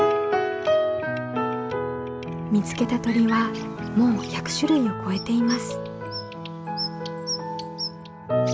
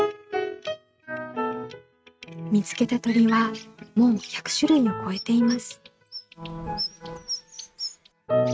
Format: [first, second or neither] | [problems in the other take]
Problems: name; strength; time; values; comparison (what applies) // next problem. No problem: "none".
first | noise reduction (neural mask model RNNoise)